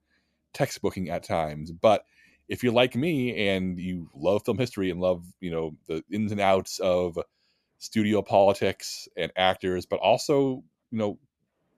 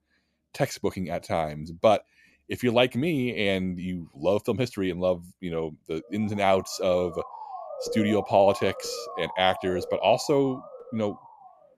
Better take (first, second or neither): first